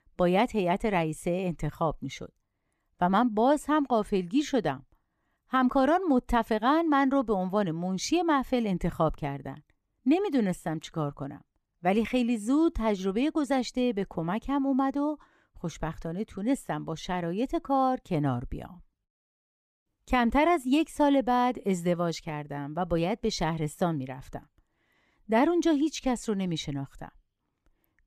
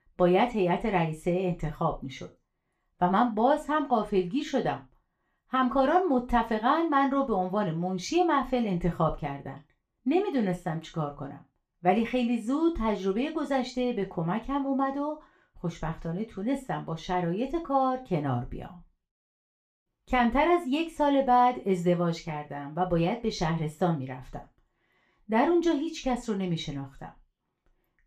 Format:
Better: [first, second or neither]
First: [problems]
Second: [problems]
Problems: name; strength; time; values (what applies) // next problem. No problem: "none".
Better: first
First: none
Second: room echo; very slight; dies away in 0.3 s // off-mic speech; somewhat distant